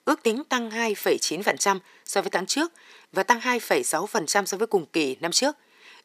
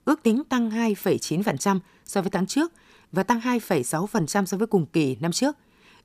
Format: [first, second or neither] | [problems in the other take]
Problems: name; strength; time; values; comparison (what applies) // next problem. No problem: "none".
second | thin; somewhat; fading below 450 Hz